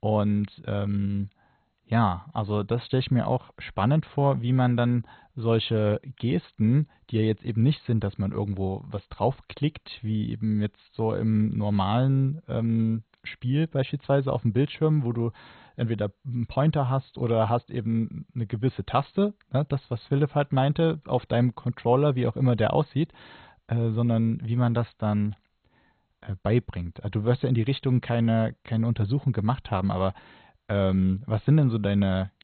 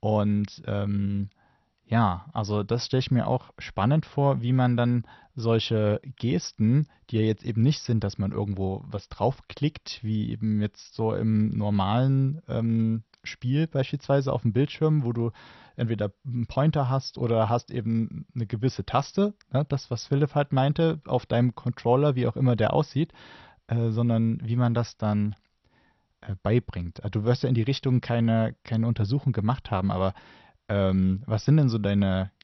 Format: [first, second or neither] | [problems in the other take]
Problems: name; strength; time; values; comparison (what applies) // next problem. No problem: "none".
second | garbled, watery; badly; nothing above 4 kHz; slightly in the second